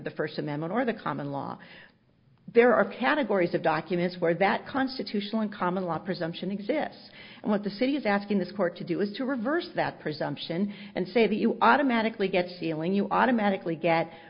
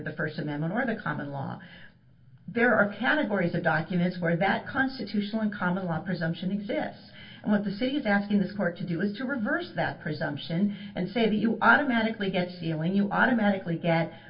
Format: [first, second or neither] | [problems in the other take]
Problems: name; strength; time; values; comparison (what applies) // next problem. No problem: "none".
first | room echo; dies away in 0.2 s